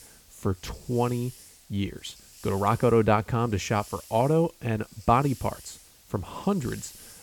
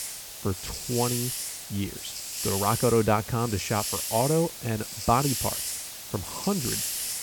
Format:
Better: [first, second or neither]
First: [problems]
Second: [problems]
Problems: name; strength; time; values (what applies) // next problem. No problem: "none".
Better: first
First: hiss; faint; throughout; 20 dB below the speech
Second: hiss; loud; throughout; 3 dB below the speech